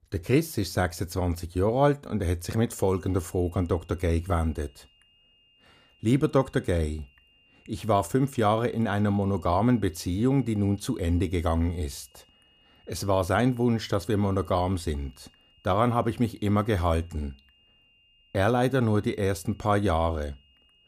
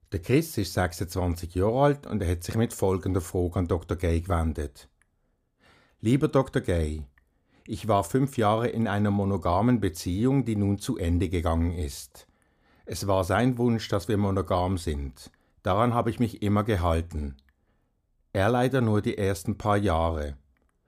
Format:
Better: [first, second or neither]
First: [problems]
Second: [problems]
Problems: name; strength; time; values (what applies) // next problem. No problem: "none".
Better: second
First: high-pitched whine; faint; from 3 s on; 3 kHz, 35 dB below the speech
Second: none